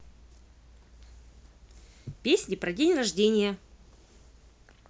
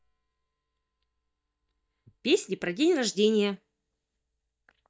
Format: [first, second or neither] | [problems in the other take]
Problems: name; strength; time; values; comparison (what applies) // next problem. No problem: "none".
first | noise reduction (neural mask model DeepFilterNet 3)